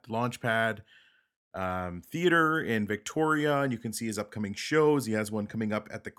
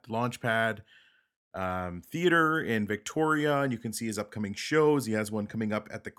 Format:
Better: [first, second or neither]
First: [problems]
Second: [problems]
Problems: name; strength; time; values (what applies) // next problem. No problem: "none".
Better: neither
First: none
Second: none